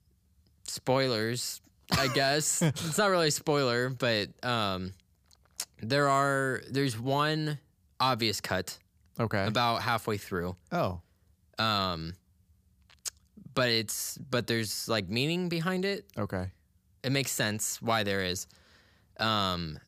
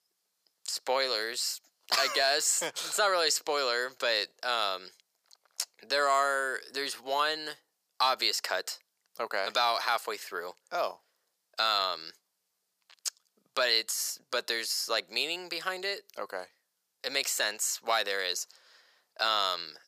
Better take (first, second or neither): first